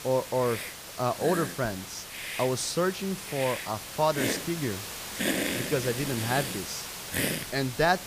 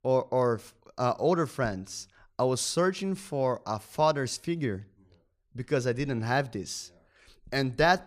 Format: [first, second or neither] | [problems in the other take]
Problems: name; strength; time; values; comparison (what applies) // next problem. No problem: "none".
second | hiss; loud; throughout; 3 dB below the speech